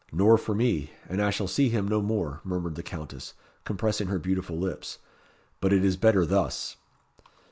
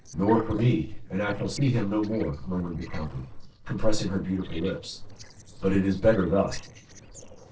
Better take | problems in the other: first | noise reduction (neural separator model SepFormer DNS4)

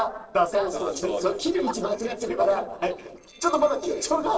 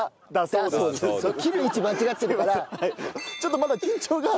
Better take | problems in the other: second | noise reduction (neural separator model SepFormer DNS4)

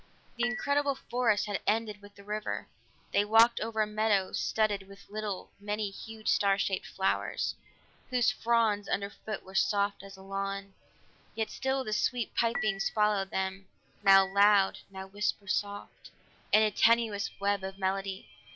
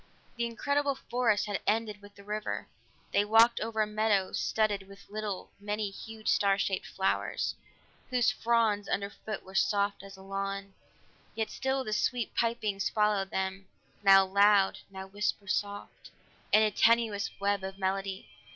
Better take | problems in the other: second | background sound (Dishes, pots, and pans / Chink, clink); 10 dB below the speech

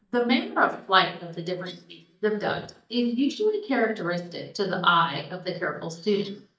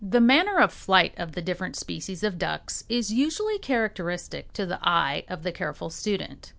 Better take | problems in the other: second | noise reduction (neural mask model DeepFilterNet 3)

